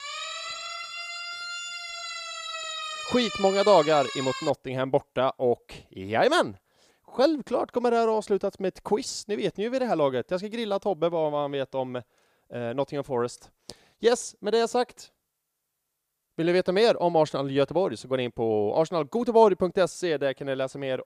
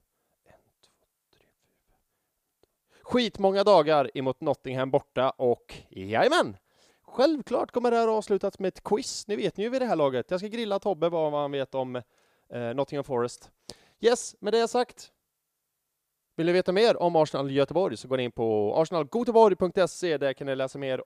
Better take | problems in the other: second | siren; noticeable; until 4.5 s; peak 6 dB below the speech

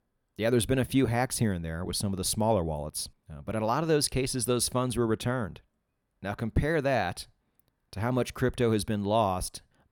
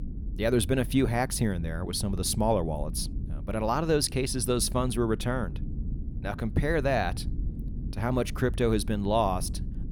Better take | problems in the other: first | low rumble; noticeable; throughout; 20 dB below the speech

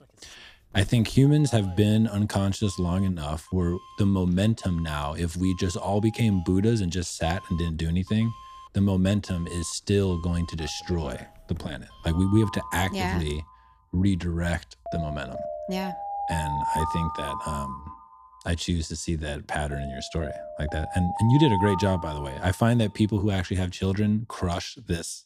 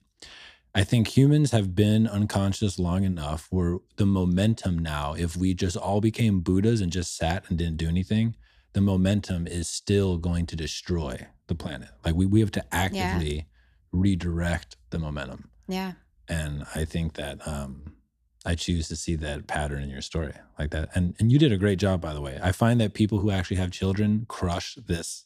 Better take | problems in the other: second | alarms or sirens; loud; throughout; 10 dB below the speech

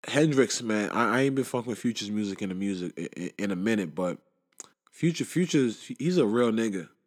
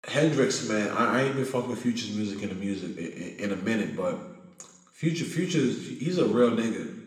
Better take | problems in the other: first | room echo; slight; dies away in 1 s // off-mic speech; somewhat distant

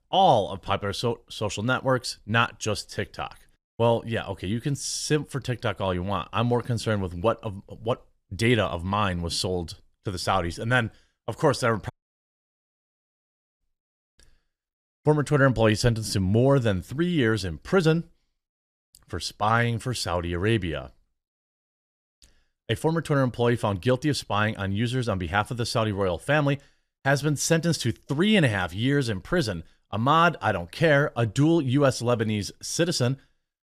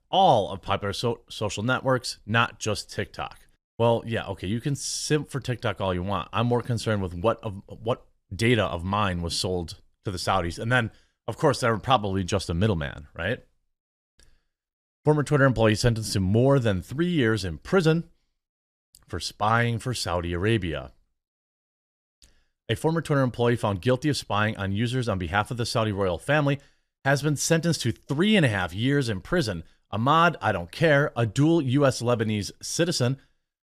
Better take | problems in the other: second | audio cutting out; at 12 s for 1.5 s

